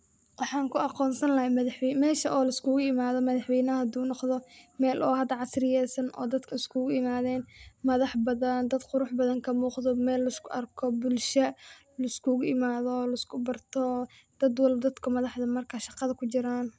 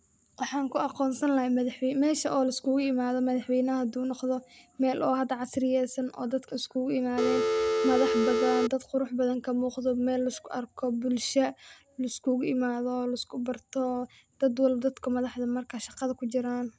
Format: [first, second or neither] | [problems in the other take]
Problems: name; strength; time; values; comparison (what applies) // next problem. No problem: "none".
first | background sound (Telephone); 3 dB above the speech